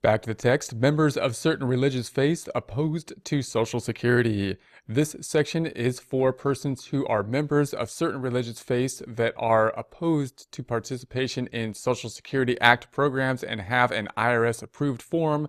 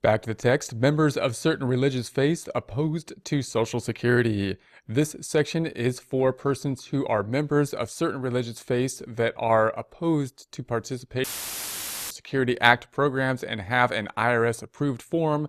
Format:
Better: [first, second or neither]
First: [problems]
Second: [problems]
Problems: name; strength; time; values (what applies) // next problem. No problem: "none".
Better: first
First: none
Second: audio cutting out; filled with static; at 11 s for 1 s